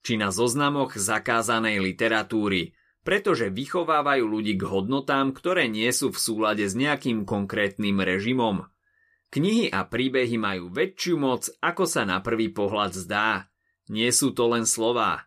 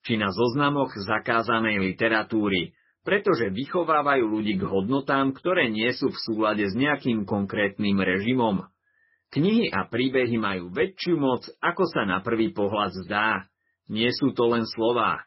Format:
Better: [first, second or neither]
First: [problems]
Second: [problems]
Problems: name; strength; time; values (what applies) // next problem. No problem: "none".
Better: first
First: none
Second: garbled, watery; badly; nothing above 5.5 kHz